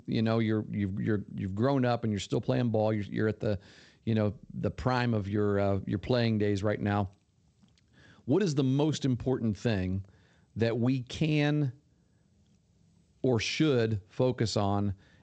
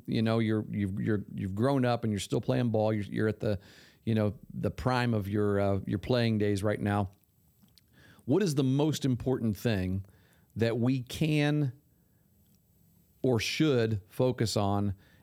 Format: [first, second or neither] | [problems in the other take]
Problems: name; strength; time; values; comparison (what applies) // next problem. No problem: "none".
second | garbled, watery; slightly; nothing above 8 kHz